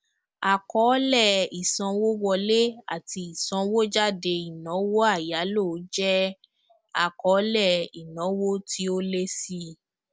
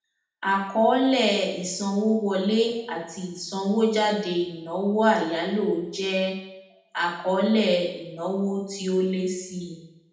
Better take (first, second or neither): first